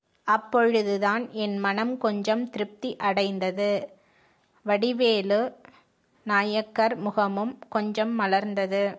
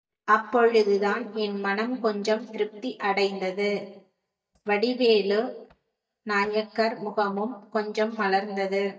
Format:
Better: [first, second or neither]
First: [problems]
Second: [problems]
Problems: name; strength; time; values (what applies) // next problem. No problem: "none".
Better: first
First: none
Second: noise reduction (neural mask model DeepFilterNet 3)